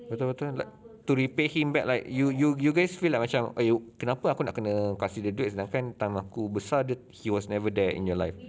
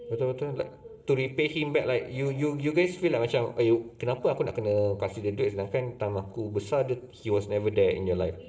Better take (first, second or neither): first